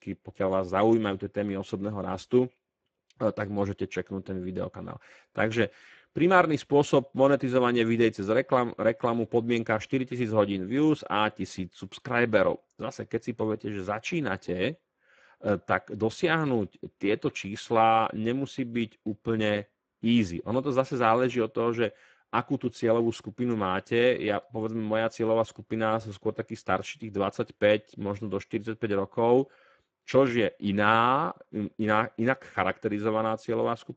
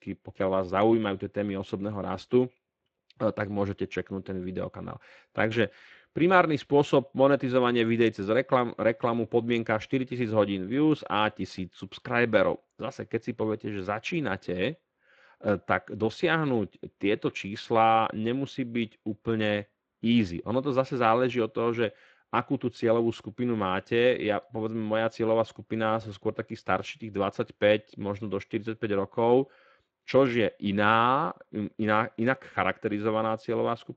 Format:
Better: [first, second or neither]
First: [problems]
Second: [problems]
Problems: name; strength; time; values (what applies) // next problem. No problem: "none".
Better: second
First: garbled, watery; badly; nothing above 7.5 kHz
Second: garbled, watery; slightly; nothing above 7.5 kHz